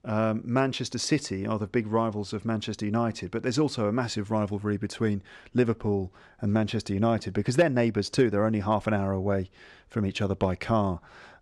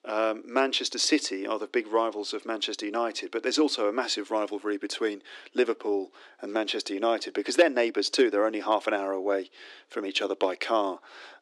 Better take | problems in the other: first | thin; somewhat; fading below 300 Hz

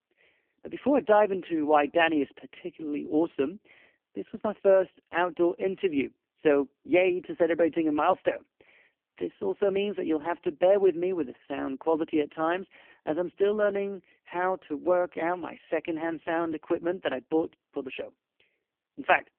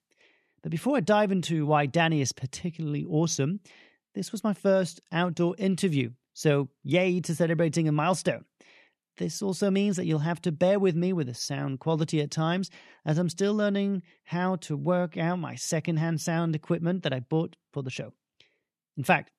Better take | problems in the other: second | phone-call audio; poor line; nothing above 3 kHz

